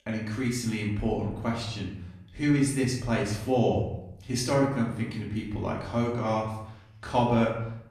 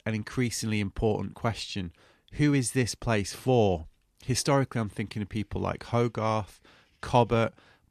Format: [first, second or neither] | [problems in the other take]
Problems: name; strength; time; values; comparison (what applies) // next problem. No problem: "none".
second | off-mic speech; far // room echo; noticeable; dies away in 0.7 s